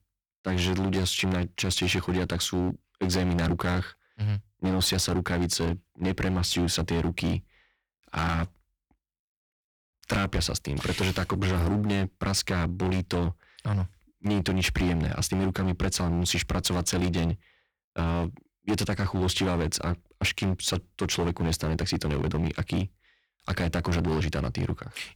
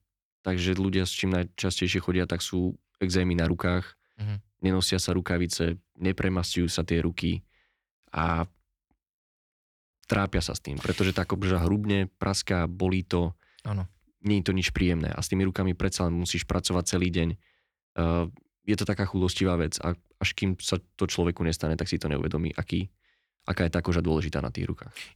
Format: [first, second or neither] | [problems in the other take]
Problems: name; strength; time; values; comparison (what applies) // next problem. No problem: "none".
second | distortion; heavy; 13% of the sound clipped